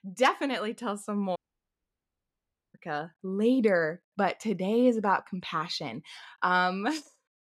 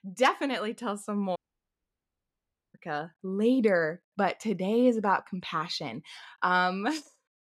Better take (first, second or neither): neither